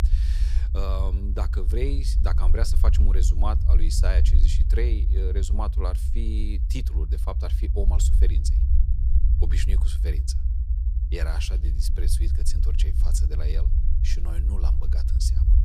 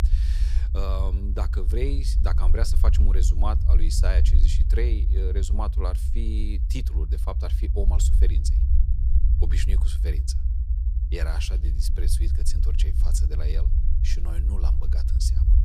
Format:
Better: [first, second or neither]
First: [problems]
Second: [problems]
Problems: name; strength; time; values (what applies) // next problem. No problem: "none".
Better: neither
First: low rumble; loud; throughout; 7 dB below the speech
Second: low rumble; loud; throughout; 7 dB below the speech